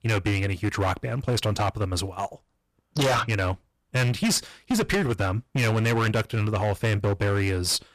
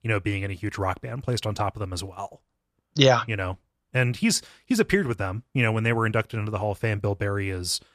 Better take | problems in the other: second | distortion; heavy; 19% of the sound clipped

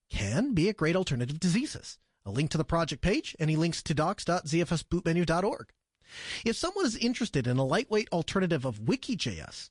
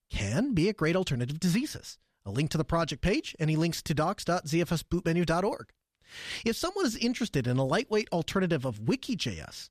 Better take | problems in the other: second | garbled, watery; slightly; nothing above 10 kHz

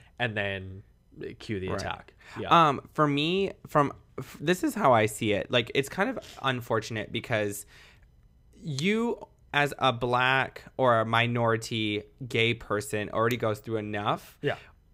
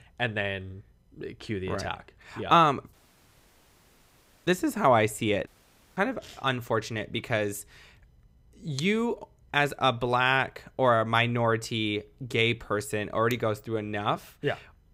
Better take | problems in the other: first | audio cutting out; at 3 s for 1.5 s and at 5.5 s for 0.5 s

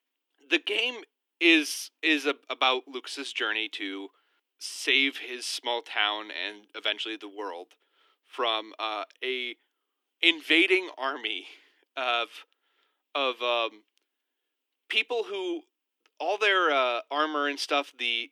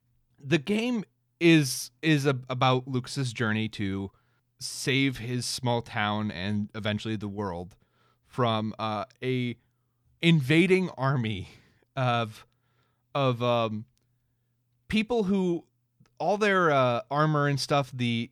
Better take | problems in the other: second | thin; somewhat; fading below 300 Hz

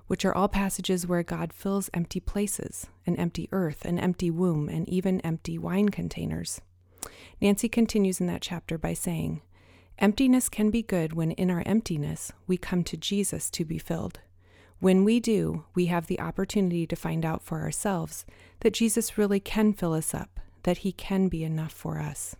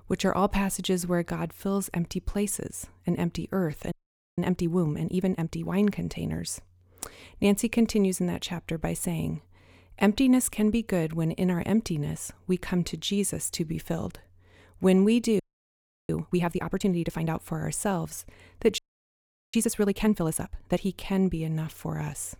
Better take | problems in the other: first | audio freezing; at 4 s, at 15 s for 0.5 s and at 19 s for 1 s

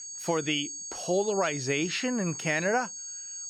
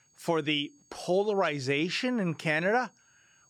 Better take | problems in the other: second | high-pitched whine; loud; throughout; 6.5 kHz, 7 dB below the speech; faint in the second

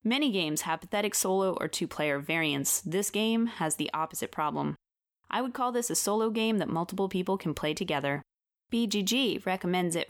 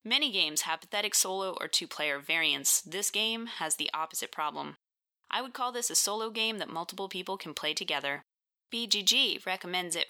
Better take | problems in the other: first | thin; somewhat; fading below 950 Hz

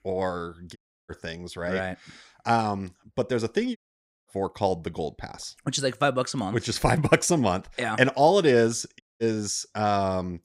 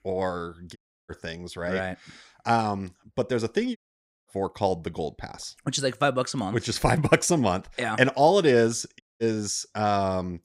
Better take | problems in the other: neither | audio cutting out; at 1 s, at 4 s for 0.5 s and at 9 s; the same in both

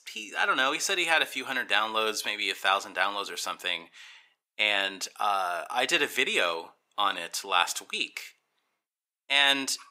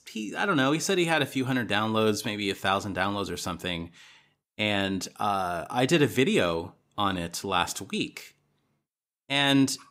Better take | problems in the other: second | thin; very; fading below 650 Hz

